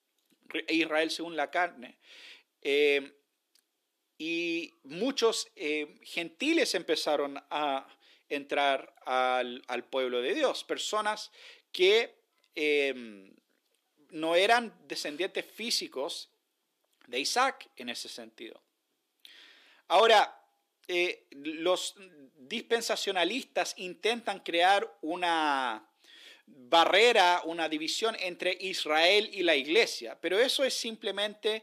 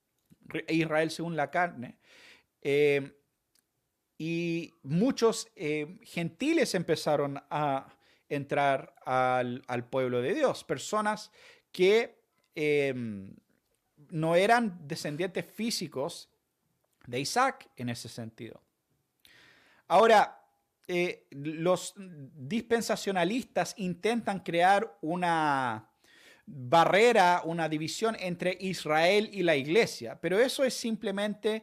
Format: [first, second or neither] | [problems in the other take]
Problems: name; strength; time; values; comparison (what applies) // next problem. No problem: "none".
second | thin; very slightly; fading below 300 Hz